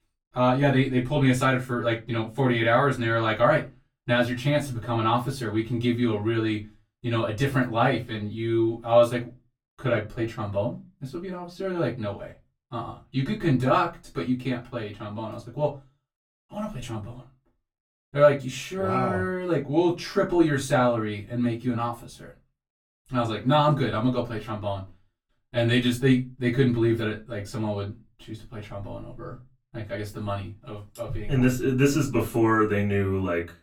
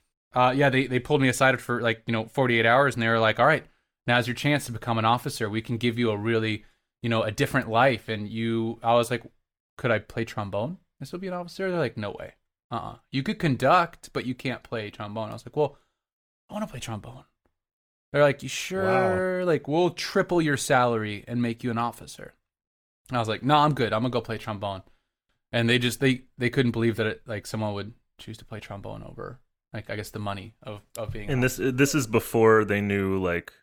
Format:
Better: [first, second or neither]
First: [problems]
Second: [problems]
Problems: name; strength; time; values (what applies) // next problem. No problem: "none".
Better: second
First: off-mic speech; far // room echo; very slight; dies away in 0.3 s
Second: none